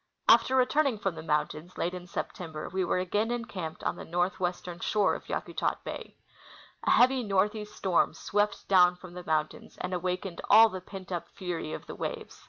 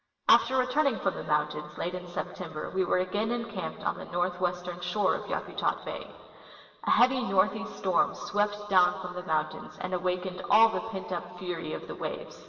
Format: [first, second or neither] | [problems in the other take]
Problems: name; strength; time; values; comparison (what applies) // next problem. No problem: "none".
first | room echo; dies away in 2.7 s